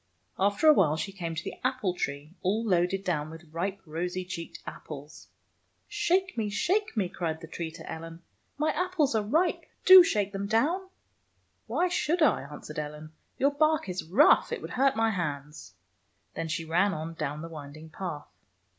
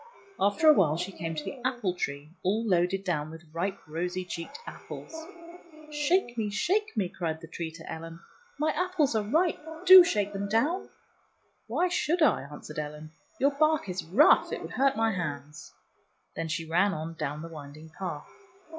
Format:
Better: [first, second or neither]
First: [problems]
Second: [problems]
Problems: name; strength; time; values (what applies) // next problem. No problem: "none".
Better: first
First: none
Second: noise reduction (classical method log-MMSE)